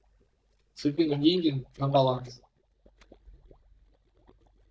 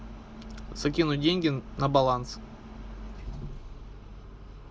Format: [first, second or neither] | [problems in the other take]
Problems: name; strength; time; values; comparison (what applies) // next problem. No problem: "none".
second | noise reduction (neural mask model DeepFilterNet 3)